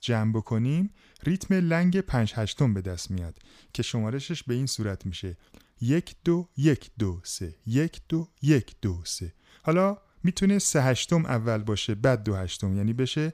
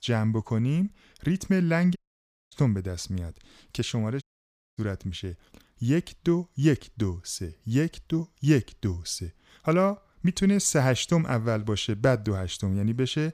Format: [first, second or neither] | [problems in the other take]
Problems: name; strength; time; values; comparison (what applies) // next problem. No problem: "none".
first | audio cutting out; at 2 s for 0.5 s and at 4 s for 0.5 s